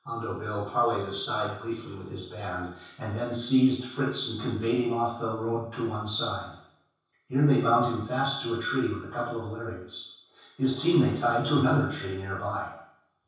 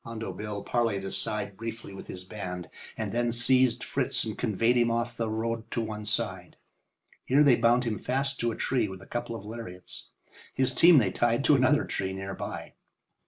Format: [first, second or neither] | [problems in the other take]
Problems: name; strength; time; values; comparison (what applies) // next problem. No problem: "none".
second | room echo; dies away in 0.7 s